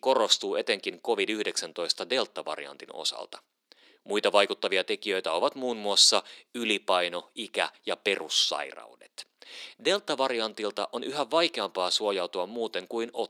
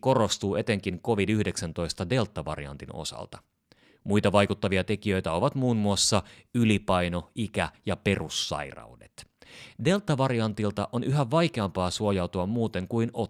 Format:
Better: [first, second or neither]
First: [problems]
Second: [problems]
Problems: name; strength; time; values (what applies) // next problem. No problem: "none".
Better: second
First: thin; very; fading below 300 Hz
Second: none